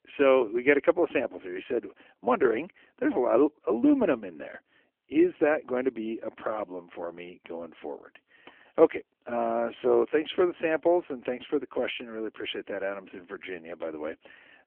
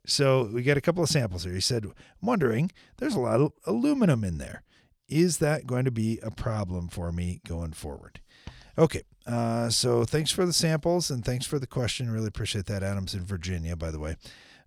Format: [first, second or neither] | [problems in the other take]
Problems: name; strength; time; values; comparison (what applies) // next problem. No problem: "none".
second | phone-call audio; nothing above 3.5 kHz